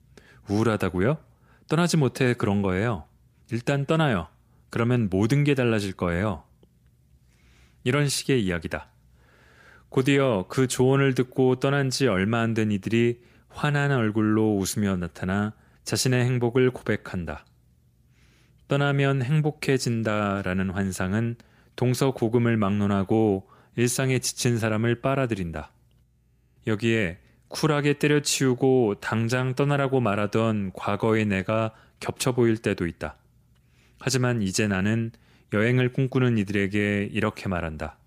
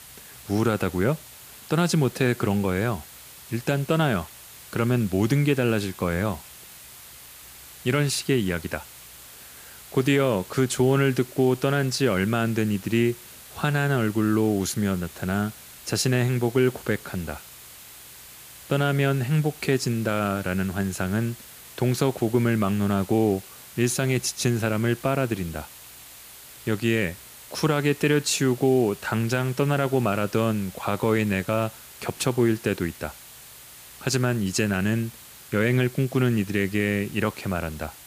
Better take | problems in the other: first | hiss; noticeable; throughout; 20 dB below the speech

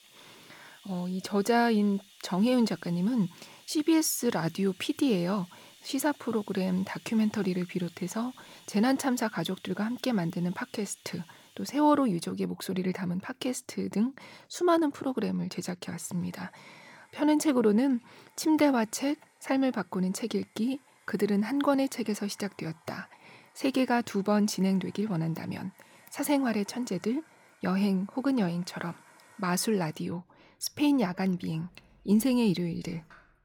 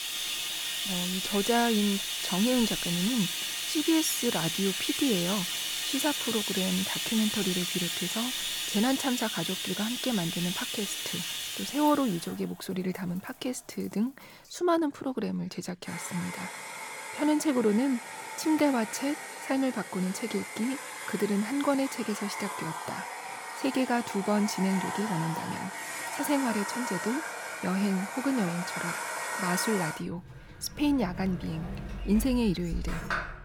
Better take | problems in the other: first | household noises; loud; throughout; 2 dB below the speech; faint in the first

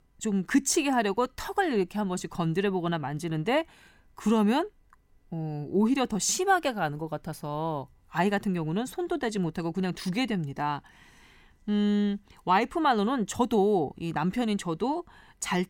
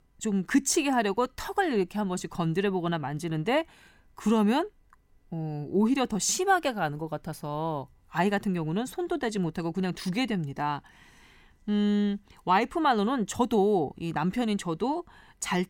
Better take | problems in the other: neither | none

